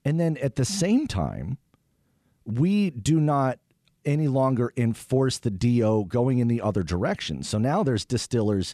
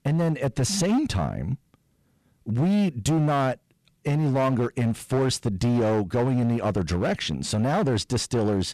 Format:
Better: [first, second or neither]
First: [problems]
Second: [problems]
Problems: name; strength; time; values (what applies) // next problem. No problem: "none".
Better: first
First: none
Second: distortion; slight; 14% of the sound clipped